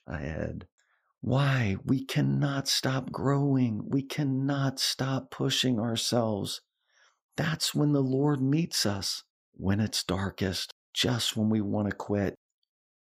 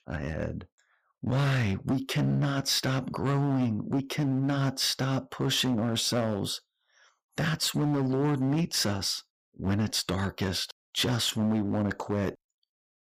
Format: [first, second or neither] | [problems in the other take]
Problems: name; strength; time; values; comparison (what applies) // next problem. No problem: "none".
first | distortion; slight; 11% of the sound clipped